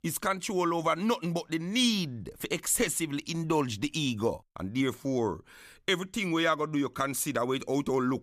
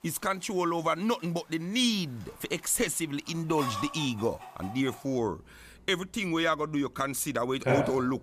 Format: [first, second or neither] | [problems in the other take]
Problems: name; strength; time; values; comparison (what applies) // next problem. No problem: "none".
first | animal sounds; loud; throughout; 5 dB below the speech